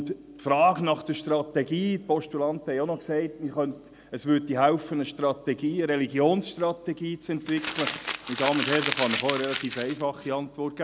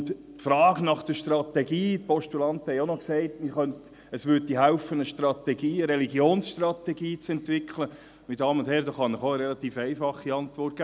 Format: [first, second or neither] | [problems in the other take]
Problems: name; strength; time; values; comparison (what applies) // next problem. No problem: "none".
second | background sound (Crumpling, crinkling); 6 dB below the speech